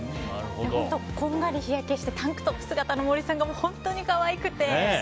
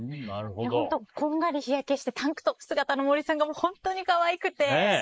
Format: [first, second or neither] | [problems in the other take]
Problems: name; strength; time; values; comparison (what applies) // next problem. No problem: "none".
first | noise reduction (neural mask model Resemble Enhance denoiser)